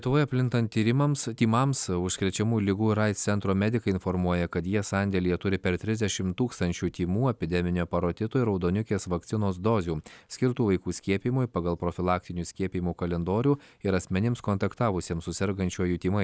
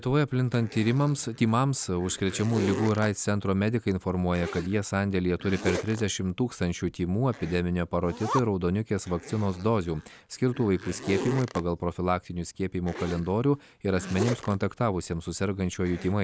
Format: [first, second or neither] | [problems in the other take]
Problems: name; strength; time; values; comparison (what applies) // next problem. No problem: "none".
first | background sound (Zipper (clothing)); 12 dB below the speech